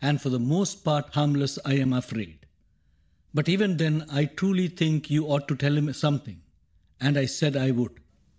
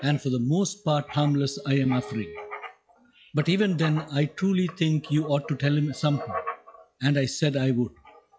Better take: first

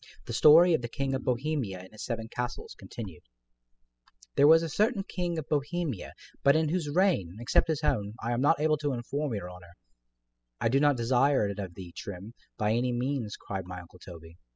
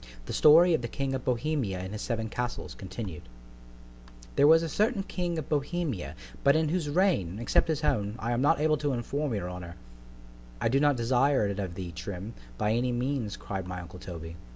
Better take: second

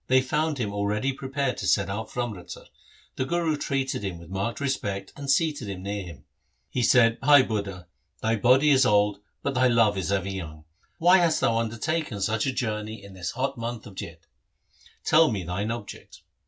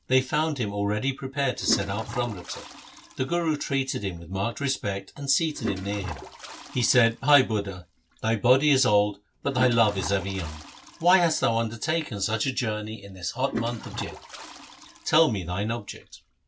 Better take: first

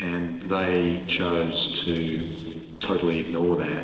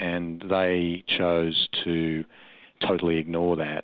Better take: second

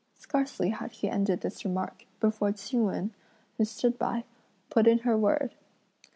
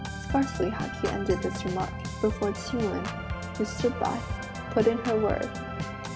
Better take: first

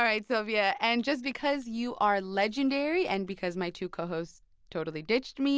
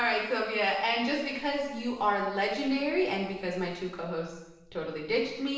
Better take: first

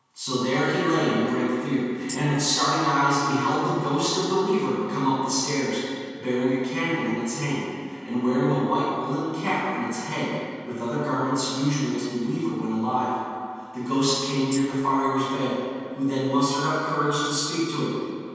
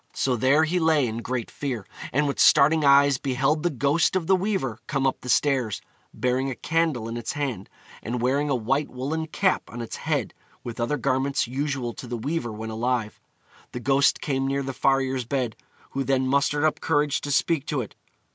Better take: second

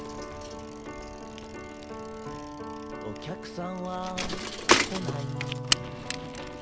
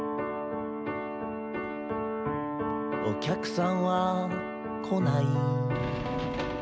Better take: second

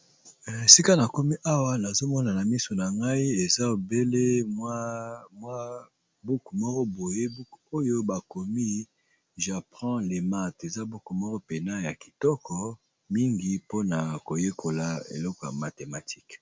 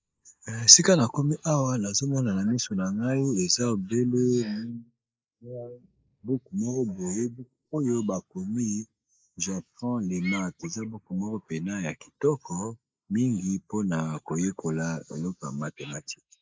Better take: first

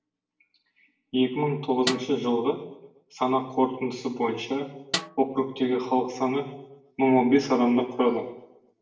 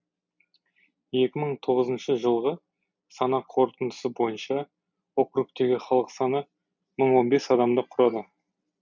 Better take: second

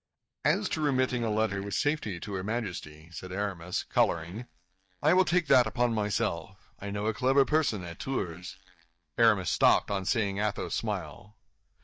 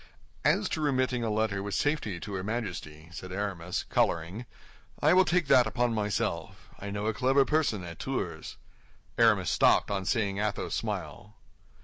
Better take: second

